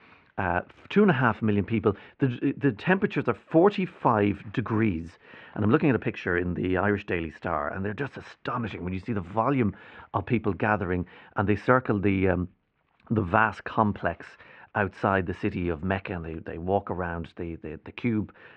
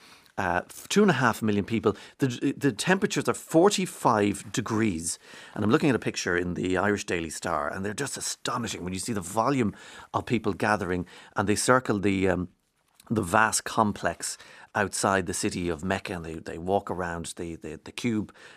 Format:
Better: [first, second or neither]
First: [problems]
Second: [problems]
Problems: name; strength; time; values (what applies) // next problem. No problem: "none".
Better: second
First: muffled; very; fading above 2.5 kHz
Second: none